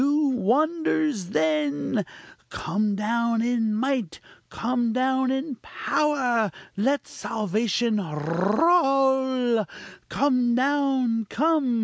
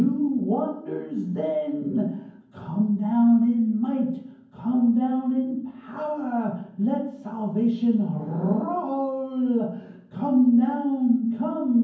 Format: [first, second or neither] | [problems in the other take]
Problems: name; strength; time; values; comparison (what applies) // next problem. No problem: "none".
first | room echo; dies away in 0.9 s